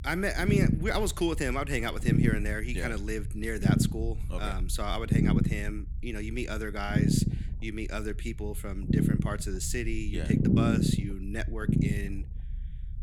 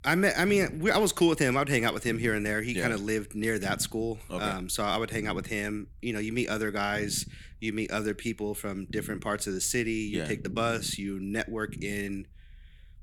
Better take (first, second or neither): second